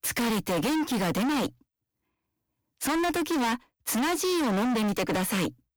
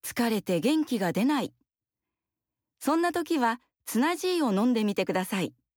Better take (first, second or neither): second